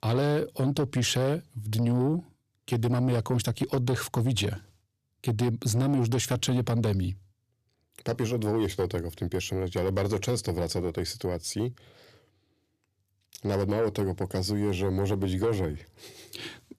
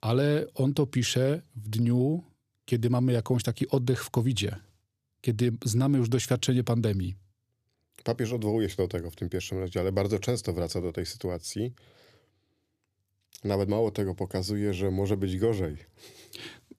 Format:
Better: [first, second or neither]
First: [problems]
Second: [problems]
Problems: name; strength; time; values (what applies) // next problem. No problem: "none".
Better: second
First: distortion; slight; 10 dB below the speech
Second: none